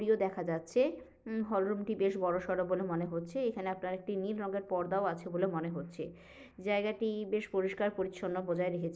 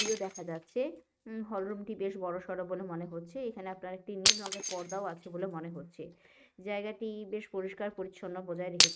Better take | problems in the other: first | noise reduction (neural mask model RNNoise)

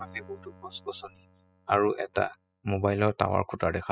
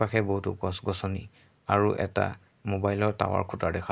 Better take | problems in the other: second | noise reduction (classical method spectral subtraction)

